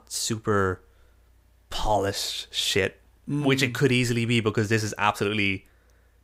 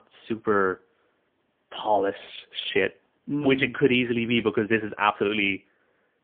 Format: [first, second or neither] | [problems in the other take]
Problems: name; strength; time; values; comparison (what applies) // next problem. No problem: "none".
first | phone-call audio; poor line; nothing above 3.5 kHz